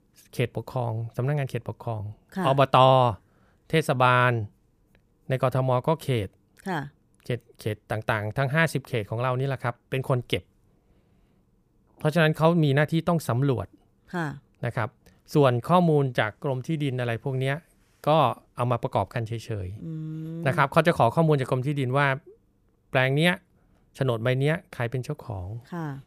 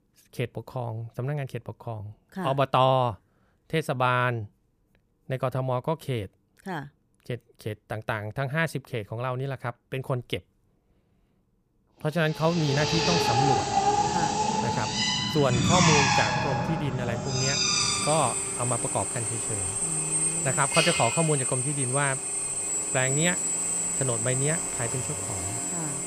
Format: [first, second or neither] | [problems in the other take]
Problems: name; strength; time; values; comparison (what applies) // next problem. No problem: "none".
first | machinery noise; very loud; from 13 s on; 4 dB above the speech